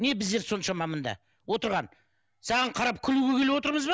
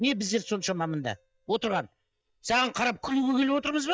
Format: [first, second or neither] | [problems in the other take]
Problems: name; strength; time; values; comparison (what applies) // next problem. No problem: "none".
first | noise reduction (neural mask model DeepFilterNet 3)